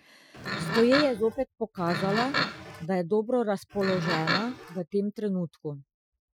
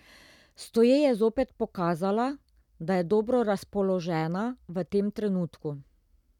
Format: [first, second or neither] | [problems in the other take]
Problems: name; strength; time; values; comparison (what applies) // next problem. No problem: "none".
second | noise reduction (classical method Wiener filter)